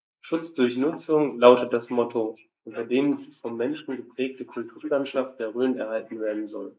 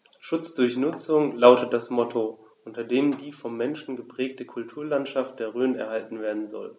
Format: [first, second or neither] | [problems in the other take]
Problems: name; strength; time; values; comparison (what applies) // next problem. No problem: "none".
second | noise reduction (neural mask model Resemble Enhance denoiser)